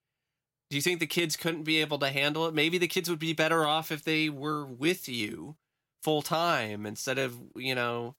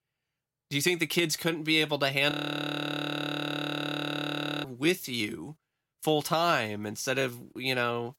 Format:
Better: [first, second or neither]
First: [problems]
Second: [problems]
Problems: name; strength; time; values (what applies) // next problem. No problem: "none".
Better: first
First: none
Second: audio freezing; at 2.5 s for 2.5 s